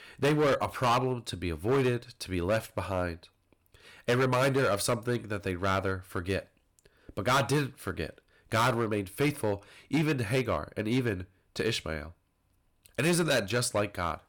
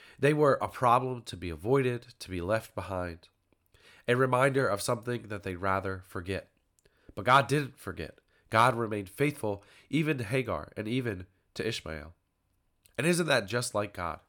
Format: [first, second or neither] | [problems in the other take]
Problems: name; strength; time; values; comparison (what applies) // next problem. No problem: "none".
second | distortion; heavy; 7% of the sound clipped